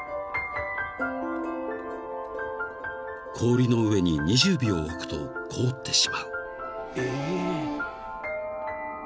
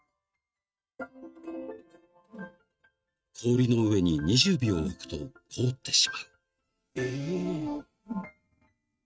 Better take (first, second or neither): first